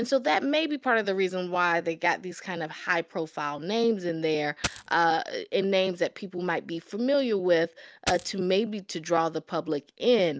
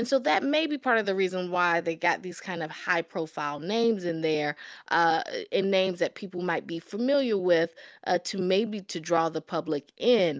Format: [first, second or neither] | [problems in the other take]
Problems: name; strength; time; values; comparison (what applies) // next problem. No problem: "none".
second | background sound (Coin (dropping)); 7 dB below the speech